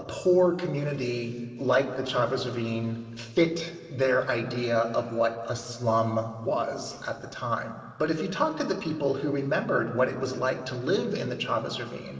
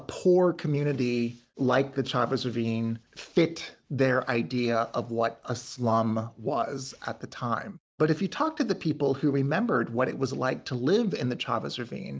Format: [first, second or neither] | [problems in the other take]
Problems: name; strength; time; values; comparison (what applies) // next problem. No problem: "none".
second | room echo; dies away in 2.2 s